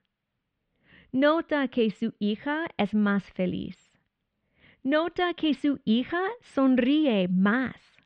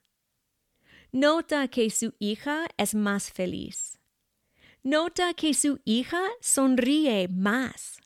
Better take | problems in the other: second | muffled; very; fading above 3 kHz

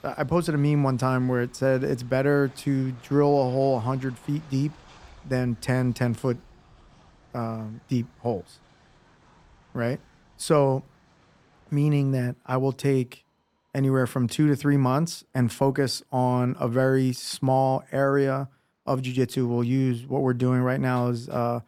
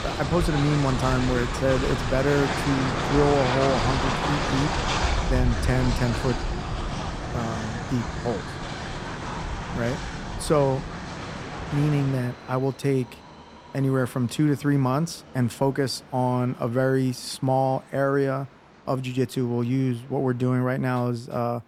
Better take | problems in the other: first | train or aircraft noise; loud; throughout; 3 dB below the speech; faint in the first

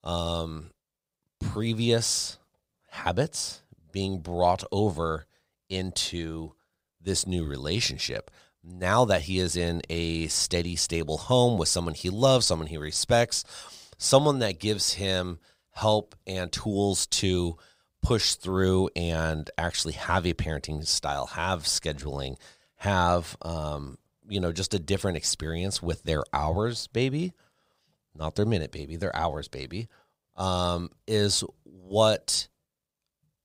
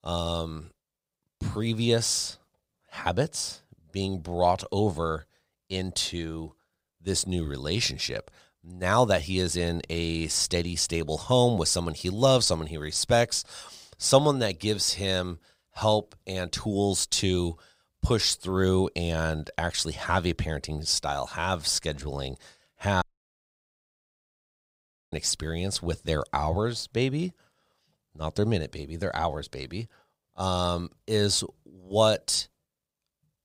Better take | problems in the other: first | audio cutting out; at 23 s for 2 s

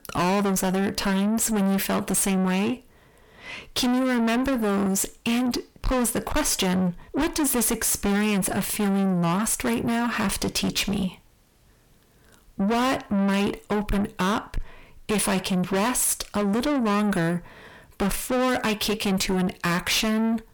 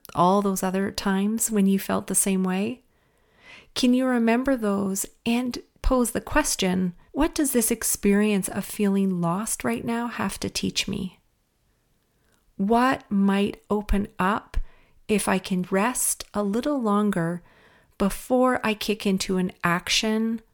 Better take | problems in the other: second | distortion; heavy; 6 dB below the speech

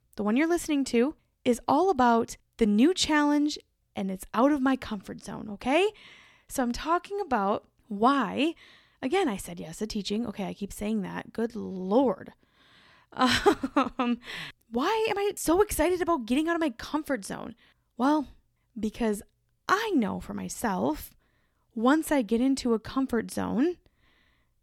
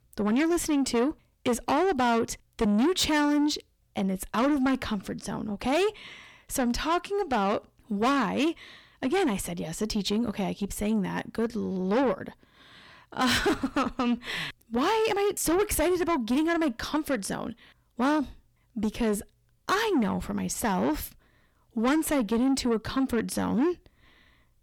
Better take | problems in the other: first | distortion; heavy; 8 dB below the speech

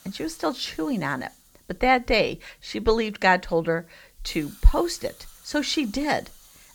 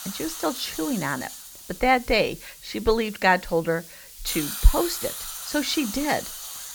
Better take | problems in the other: first | hiss; loud; throughout; 9 dB below the speech; faint in the first

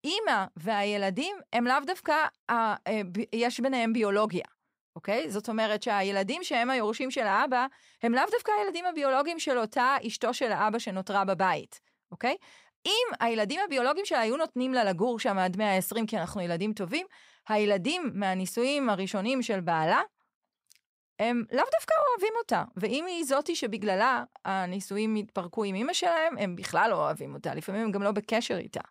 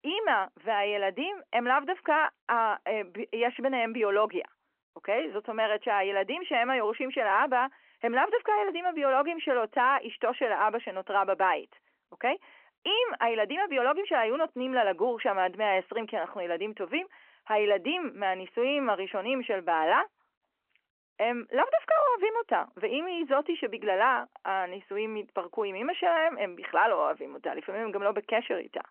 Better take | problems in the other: first | phone-call audio; nothing above 3 kHz

